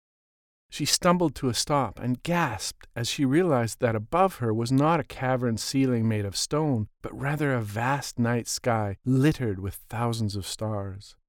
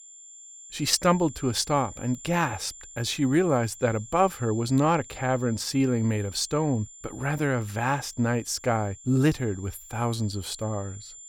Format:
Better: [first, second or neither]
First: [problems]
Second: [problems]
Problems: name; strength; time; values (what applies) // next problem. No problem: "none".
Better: first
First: none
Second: high-pitched whine; noticeable; throughout; 7 kHz, 15 dB below the speech